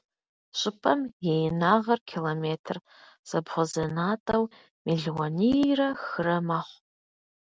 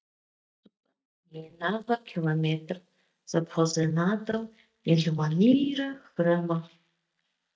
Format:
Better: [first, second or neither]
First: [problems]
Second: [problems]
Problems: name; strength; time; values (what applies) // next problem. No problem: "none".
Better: first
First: none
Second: noise reduction (neural mask model DeepFilterNet 3)